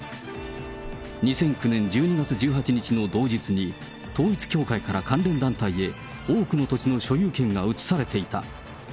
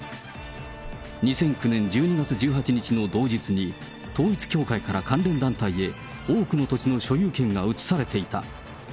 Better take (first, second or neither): second